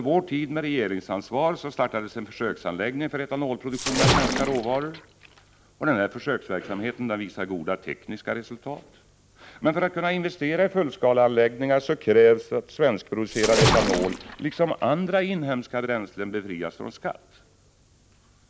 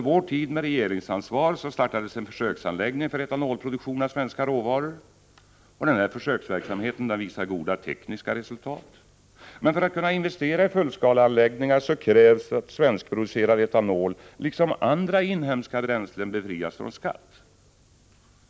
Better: second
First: background sound (Splash, splatter); 1 dB below the speech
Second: none

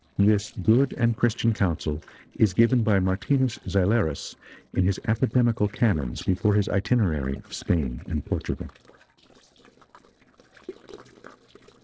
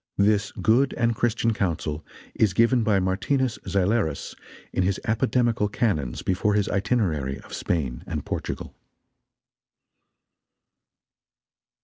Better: second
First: noise reduction (neural separator model SepFormer DNS4)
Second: none

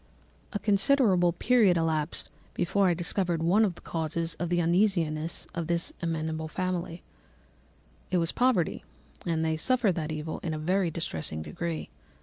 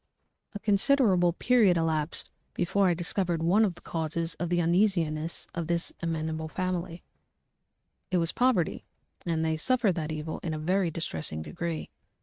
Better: first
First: none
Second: noise reduction (neural mask model RNNoise)

